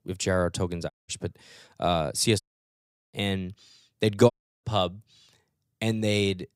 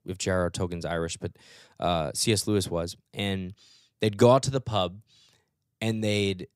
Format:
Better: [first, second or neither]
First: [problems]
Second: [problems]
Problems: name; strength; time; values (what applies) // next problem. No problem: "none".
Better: second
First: audio cutting out; at 1 s, at 2.5 s for 0.5 s and at 4.5 s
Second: none